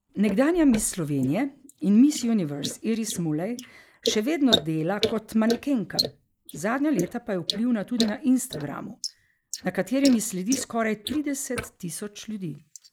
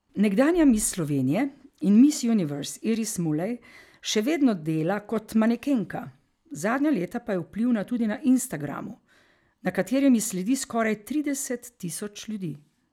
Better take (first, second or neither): second